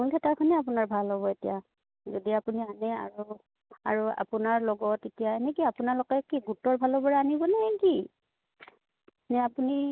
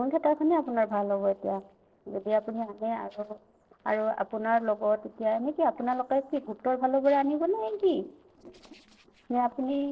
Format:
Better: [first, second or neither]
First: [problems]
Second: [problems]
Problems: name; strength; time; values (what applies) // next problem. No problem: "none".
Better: first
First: none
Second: noise reduction (neural separator model SepFormer DNS4)